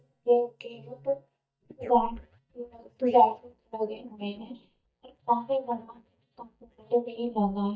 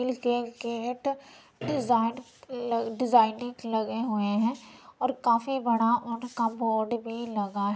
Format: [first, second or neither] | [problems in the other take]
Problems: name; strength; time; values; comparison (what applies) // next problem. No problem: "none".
second | noise reduction (neural mask model DeepFilterNet 3)